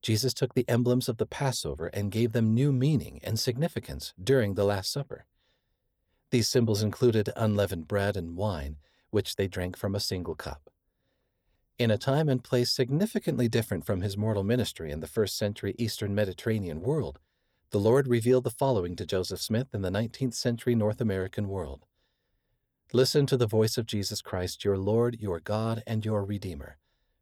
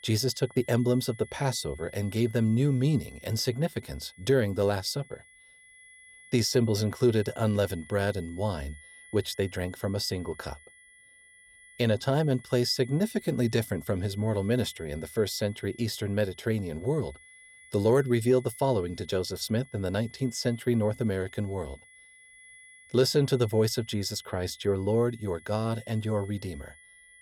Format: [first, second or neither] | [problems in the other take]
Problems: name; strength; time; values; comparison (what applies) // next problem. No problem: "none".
first | high-pitched whine; faint; throughout; 2 kHz, 25 dB below the speech